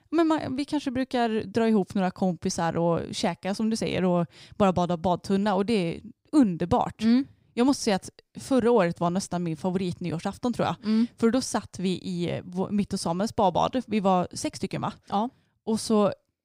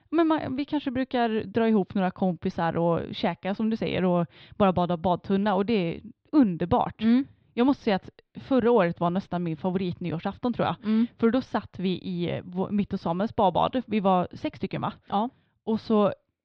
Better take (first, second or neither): first